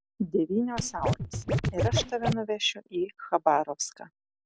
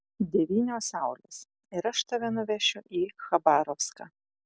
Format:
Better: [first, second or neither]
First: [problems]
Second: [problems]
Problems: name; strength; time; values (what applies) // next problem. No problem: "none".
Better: second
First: background sound (Scratching (performance technique)); 1 dB above the speech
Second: none